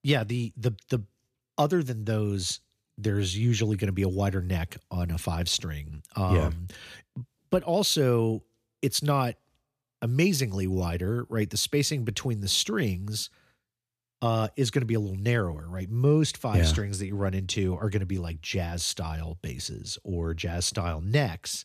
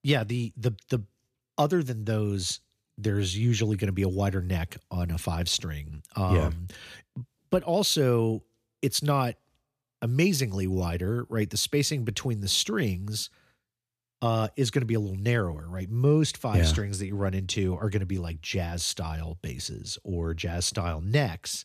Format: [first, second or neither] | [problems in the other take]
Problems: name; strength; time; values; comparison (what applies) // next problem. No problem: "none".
neither | none